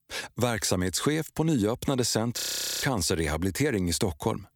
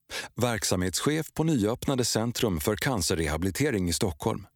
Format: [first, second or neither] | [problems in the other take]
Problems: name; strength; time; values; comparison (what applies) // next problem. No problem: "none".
second | audio freezing; at 2.5 s